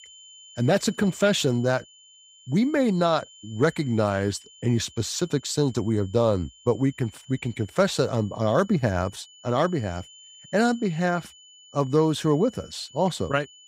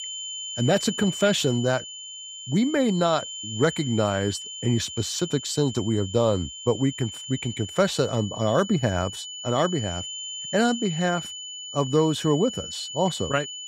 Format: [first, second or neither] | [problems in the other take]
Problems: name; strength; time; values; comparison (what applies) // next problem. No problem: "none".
first | high-pitched whine; loud; throughout; 3 kHz, 9 dB below the speech; faint in the first